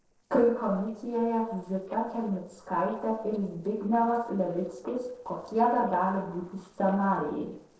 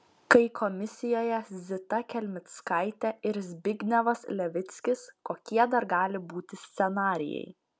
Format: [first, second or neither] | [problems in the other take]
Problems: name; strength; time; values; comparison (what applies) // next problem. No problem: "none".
second | noise reduction (neural separator model SepFormer DNS4)